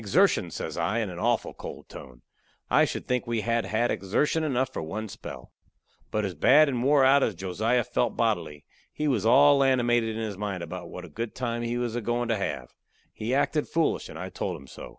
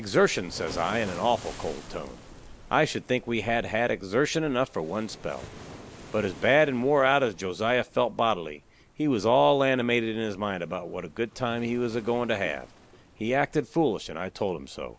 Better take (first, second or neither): first